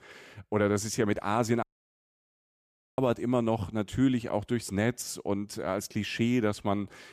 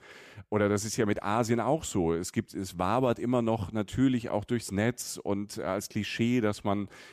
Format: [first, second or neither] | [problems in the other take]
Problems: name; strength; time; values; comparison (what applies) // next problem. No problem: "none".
second | audio cutting out; at 1.5 s for 1.5 s